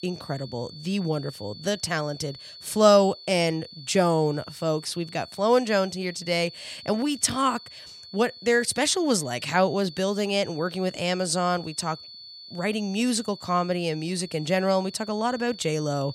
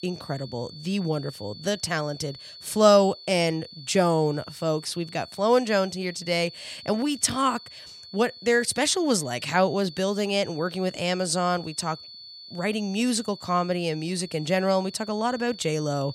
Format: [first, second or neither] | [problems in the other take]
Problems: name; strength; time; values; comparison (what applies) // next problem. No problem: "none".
neither | high-pitched whine; noticeable; throughout; 4.5 kHz, 15 dB below the speech; the same in both